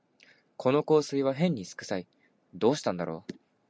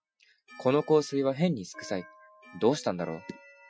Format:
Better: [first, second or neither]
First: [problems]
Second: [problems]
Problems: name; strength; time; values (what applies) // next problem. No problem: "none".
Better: first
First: none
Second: noise reduction (classical method Wiener filter)